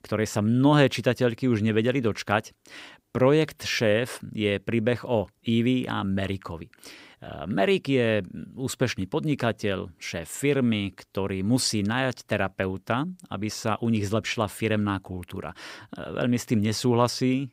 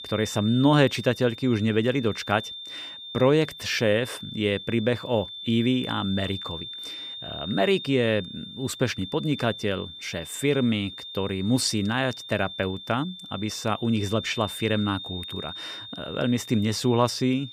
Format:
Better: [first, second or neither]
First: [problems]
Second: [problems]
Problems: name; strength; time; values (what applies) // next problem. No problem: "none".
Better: first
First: none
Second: high-pitched whine; noticeable; throughout; 3.5 kHz, 10 dB below the speech